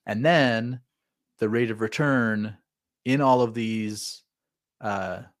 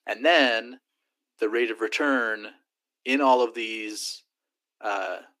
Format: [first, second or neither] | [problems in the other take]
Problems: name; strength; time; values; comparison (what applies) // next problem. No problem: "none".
first | thin; very slightly; fading below 250 Hz